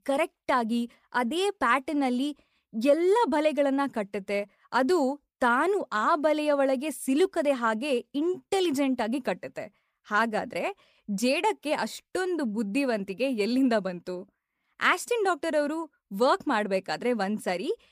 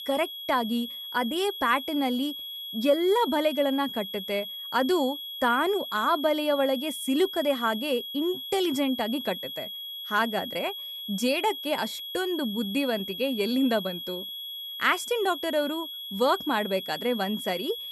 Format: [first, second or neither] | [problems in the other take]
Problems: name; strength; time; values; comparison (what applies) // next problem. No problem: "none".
first | high-pitched whine; loud; throughout; 3.5 kHz, 7 dB below the speech